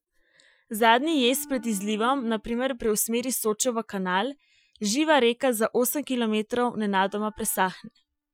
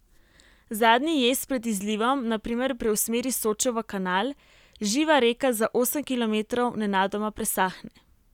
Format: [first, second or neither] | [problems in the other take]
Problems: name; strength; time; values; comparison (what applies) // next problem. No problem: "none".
second | noise reduction (classical method Wiener filter)